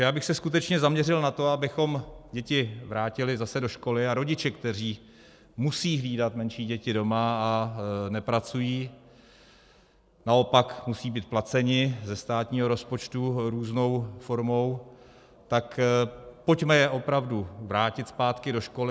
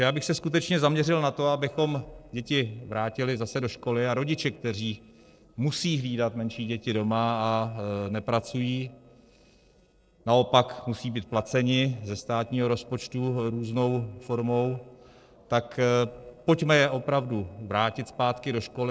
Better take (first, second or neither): first